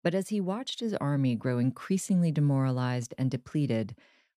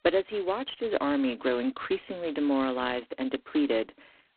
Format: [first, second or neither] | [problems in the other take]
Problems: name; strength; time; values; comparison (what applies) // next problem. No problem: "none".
first | phone-call audio; poor line; nothing above 4 kHz